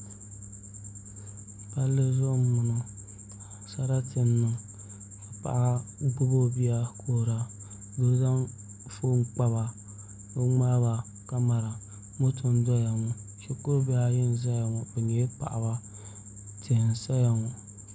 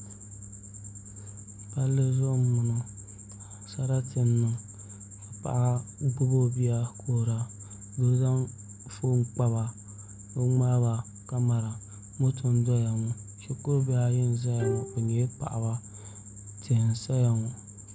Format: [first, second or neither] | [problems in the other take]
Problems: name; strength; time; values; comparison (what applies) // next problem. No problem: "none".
first | background sound (Bowed string instrument); 13 dB below the speech